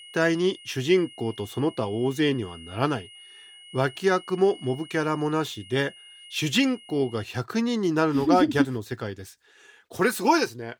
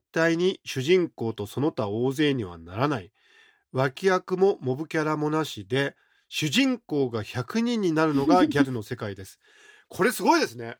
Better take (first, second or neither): second